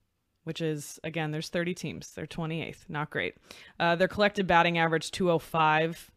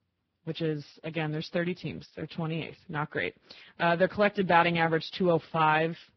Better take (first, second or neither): first